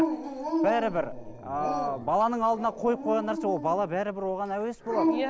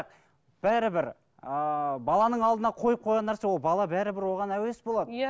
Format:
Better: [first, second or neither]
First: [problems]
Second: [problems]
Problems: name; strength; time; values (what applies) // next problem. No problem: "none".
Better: second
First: background sound (Dog); 4 dB below the speech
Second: none